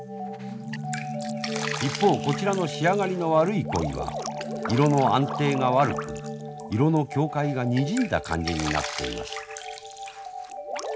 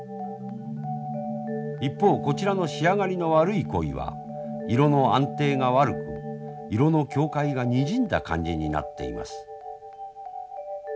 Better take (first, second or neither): second